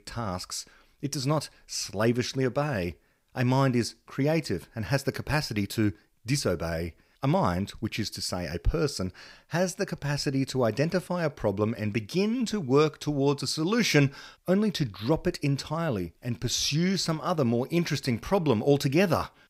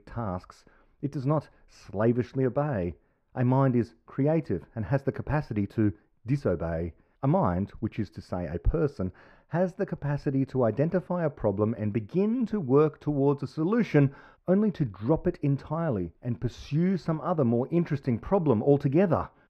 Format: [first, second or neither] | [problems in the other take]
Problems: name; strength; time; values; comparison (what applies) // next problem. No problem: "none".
first | muffled; very; fading above 2.5 kHz